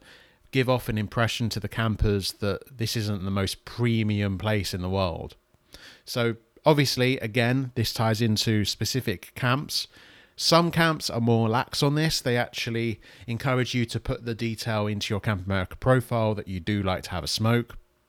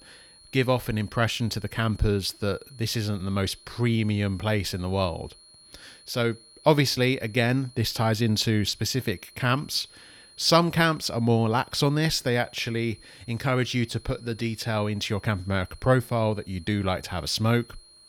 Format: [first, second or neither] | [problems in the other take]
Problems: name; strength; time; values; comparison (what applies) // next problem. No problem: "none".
first | high-pitched whine; faint; throughout; 4 kHz, 25 dB below the speech